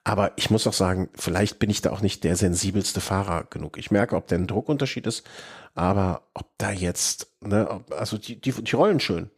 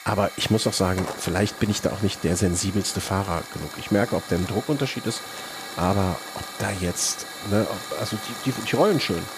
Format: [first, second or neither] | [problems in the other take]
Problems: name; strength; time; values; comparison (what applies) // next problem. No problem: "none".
first | hiss; loud; throughout; 10 dB below the speech